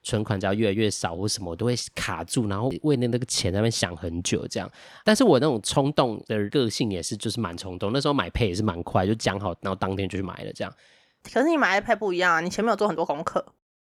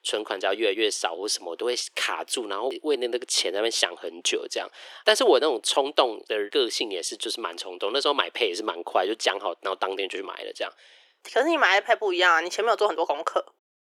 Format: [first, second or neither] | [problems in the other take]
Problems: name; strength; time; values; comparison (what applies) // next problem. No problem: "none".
first | thin; very; fading below 350 Hz